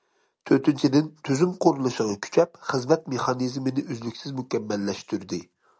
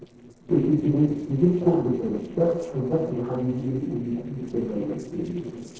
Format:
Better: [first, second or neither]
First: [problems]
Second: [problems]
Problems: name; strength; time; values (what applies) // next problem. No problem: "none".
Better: first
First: none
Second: noise reduction (neural separator model SepFormer DNS4)